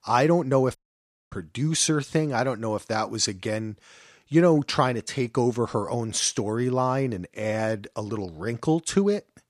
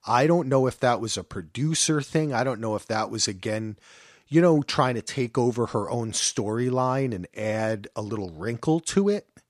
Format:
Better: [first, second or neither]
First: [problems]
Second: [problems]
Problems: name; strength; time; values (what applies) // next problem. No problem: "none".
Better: second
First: audio cutting out; at 1 s for 0.5 s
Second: none